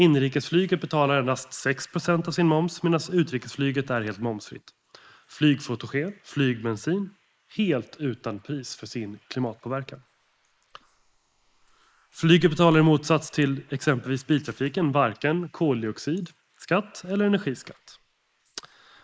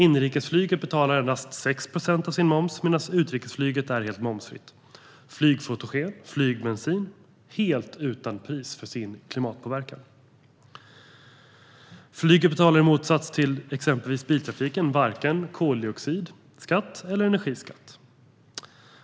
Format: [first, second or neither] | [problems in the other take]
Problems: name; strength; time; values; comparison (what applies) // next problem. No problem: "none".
second | noise reduction (neural mask model Resemble Enhance denoiser)